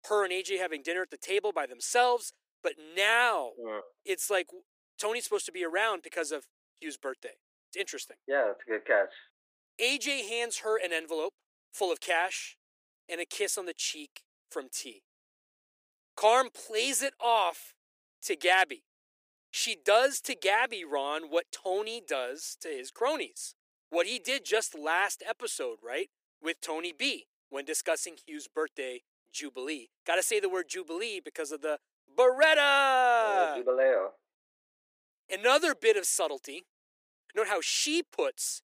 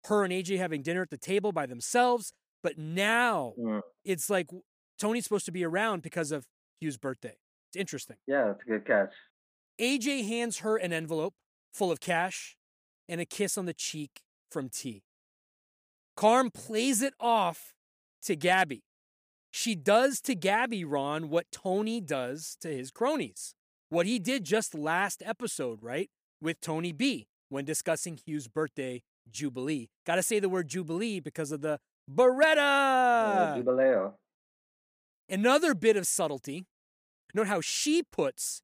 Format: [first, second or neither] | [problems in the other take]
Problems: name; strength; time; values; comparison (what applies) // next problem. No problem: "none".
second | thin; very; fading below 350 Hz